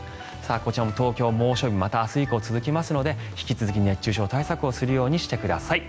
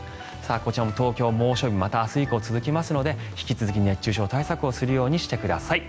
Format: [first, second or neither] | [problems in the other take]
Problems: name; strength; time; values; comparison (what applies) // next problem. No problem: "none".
first | background sound (Strum); 19 dB below the speech